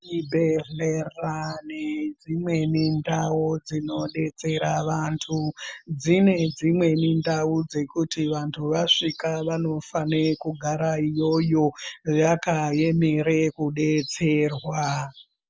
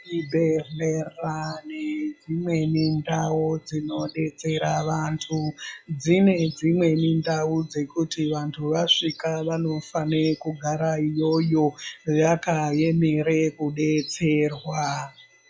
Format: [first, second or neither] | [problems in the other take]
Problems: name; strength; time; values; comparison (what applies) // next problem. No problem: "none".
first | noise reduction (classical method log-MMSE)